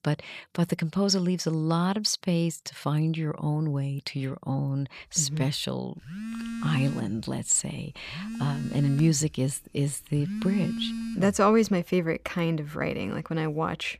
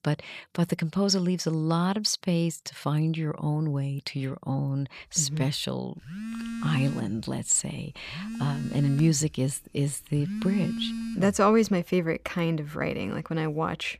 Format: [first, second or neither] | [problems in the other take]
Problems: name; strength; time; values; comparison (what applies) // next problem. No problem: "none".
neither | phone ringing; noticeable; from 6 to 11 s; peak 4 dB below the speech; the same in both